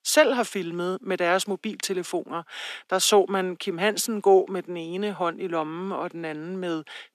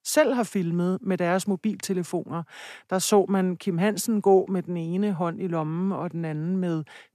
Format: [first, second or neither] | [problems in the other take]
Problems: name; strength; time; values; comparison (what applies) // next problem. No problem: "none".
second | thin; somewhat; fading below 300 Hz